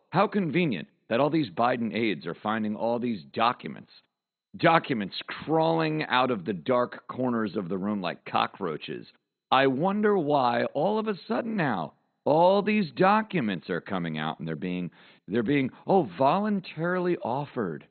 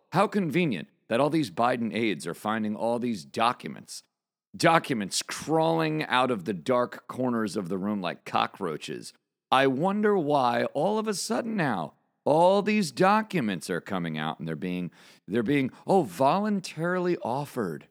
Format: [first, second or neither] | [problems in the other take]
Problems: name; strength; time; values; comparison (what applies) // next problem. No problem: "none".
second | garbled, watery; badly; nothing above 4 kHz